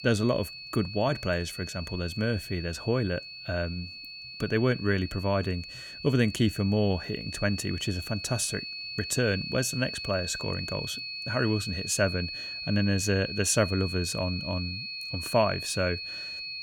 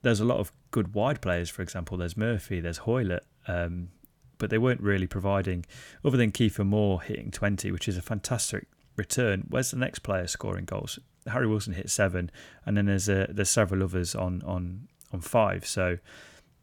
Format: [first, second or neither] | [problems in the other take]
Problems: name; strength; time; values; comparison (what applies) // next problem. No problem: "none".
second | high-pitched whine; loud; throughout; 4.5 kHz, 7 dB below the speech